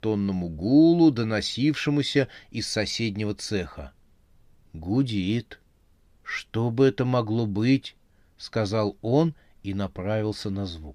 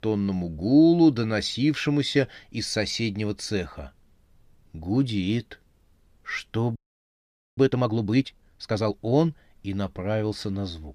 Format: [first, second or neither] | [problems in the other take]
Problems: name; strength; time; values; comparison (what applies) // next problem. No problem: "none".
first | audio freezing; at 7 s for 1 s